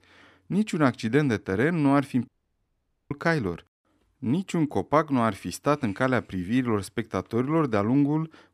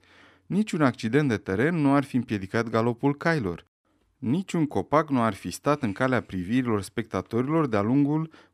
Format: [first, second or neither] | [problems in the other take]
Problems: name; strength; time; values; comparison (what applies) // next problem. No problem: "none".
second | audio cutting out; at 2.5 s for 1 s